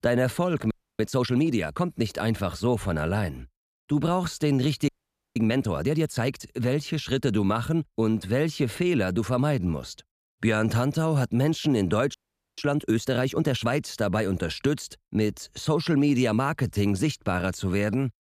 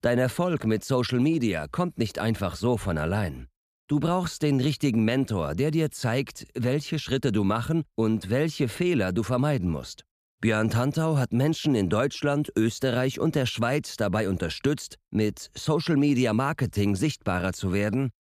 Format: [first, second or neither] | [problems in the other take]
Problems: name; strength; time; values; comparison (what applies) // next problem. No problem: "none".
second | audio freezing; at 0.5 s, at 5 s and at 12 s